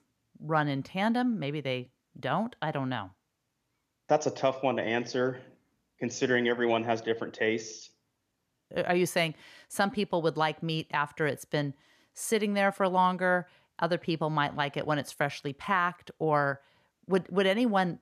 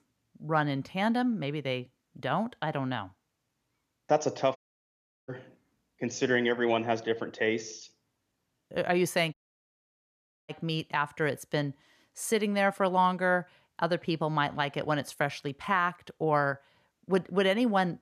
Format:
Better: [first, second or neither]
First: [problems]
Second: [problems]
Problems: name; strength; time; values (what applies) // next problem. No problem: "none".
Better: first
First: none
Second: audio cutting out; at 4.5 s for 0.5 s and at 9.5 s for 1 s